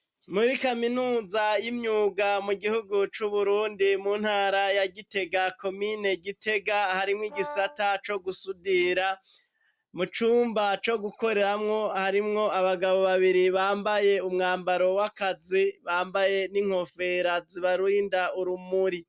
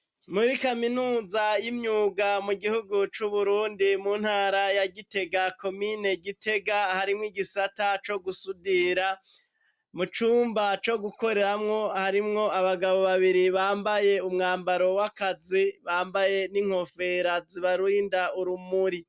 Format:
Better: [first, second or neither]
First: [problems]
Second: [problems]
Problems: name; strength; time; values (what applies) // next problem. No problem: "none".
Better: second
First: background sound (Brass instrument); 14 dB below the speech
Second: none